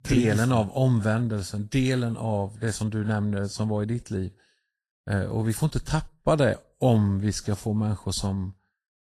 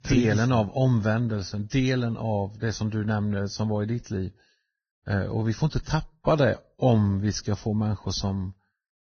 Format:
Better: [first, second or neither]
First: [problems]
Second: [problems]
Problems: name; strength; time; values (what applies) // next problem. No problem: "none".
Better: first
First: garbled, watery; slightly; nothing above 12.5 kHz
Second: garbled, watery; badly; nothing above 6.5 kHz